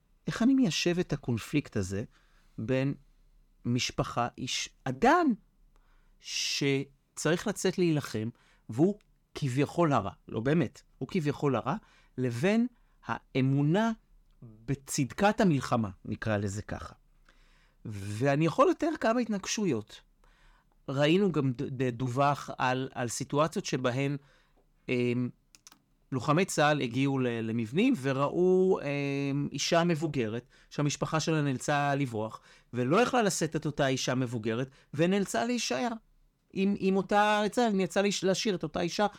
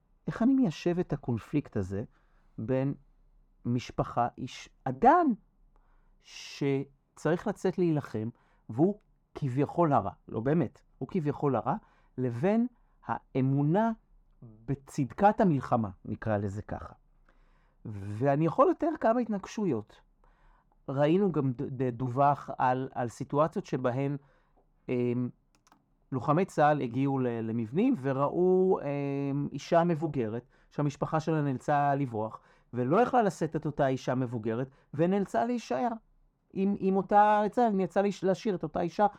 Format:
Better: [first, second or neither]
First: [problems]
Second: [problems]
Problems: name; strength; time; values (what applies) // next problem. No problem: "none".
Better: first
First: none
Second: muffled; very; fading above 2 kHz